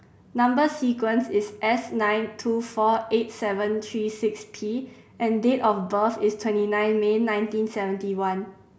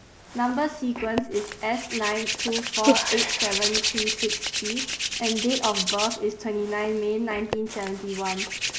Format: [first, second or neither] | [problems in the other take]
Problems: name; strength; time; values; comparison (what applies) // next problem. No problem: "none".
first | background sound (Hands); 1 dB below the speech